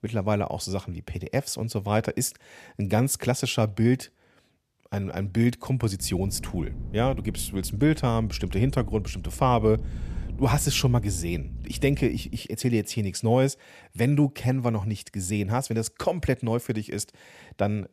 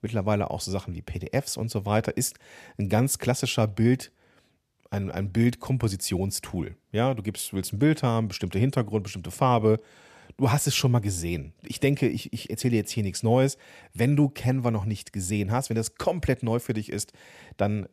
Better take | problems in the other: second | low rumble; faint; from 6 to 12 s; 20 dB below the speech

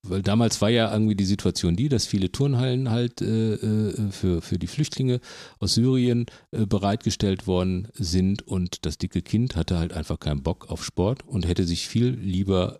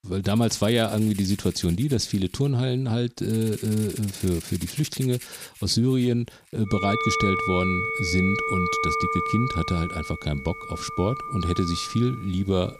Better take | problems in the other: first | background music; loud; throughout; 4 dB below the speech

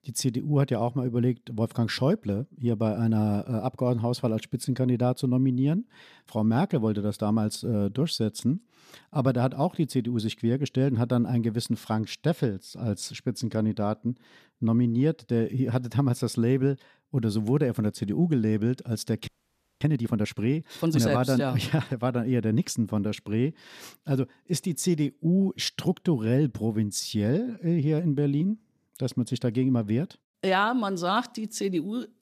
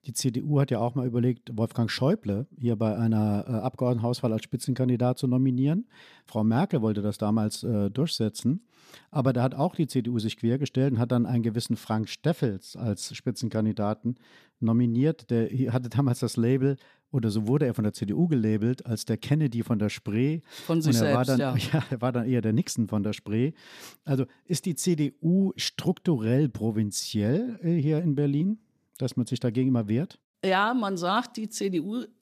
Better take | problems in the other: second | audio freezing; at 19 s for 0.5 s

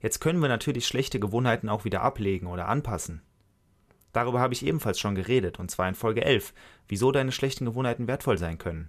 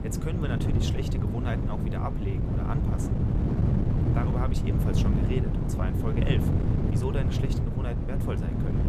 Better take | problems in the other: first | wind noise on the microphone; heavy; 2 dB above the speech

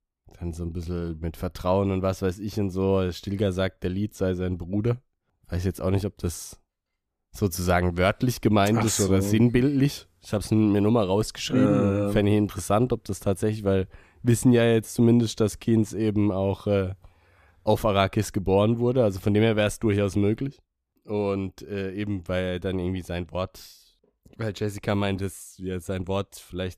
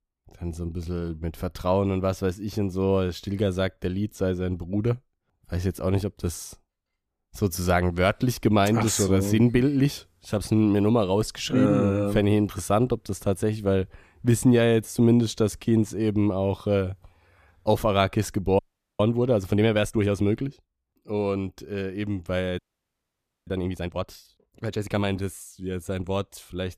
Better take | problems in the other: first | audio freezing; at 19 s and at 23 s for 1 s

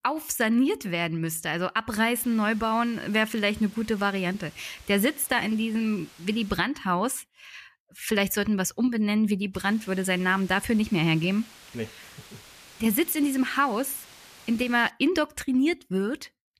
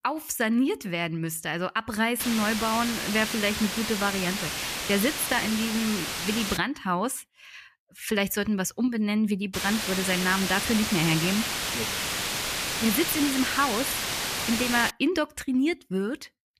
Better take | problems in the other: first | hiss; loud; from 2 to 6.5 s and from 9.5 to 15 s; 2 dB below the speech; faint in the first

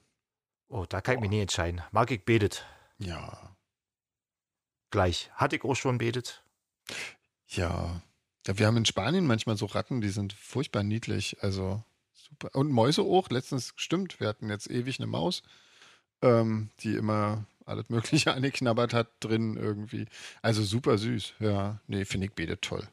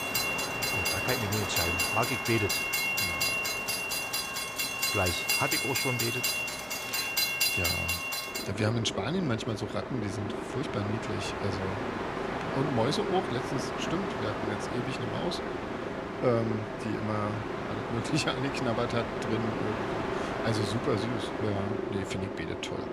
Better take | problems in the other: first | train or aircraft noise; very loud; throughout; 2 dB above the speech

